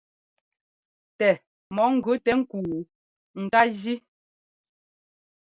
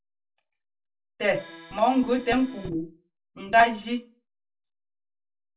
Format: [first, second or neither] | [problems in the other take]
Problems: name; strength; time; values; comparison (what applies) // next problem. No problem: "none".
first | background sound (Accordion); 19 dB below the speech // room echo; dies away in 0.2 s